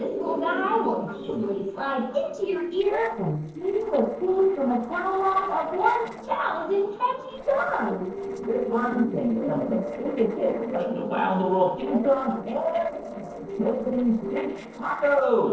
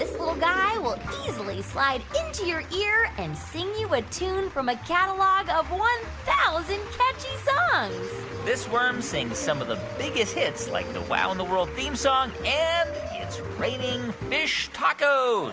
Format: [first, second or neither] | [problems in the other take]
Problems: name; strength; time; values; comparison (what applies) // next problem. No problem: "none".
second | noise reduction (neural separator model SepFormer DNS4)